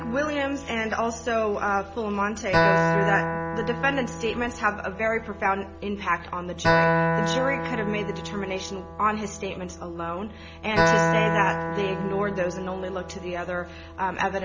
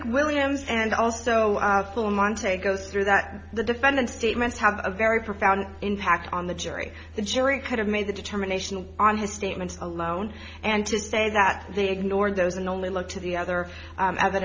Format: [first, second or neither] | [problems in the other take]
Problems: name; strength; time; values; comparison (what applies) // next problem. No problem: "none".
second | background sound (Acoustic guitar); as loud as the speech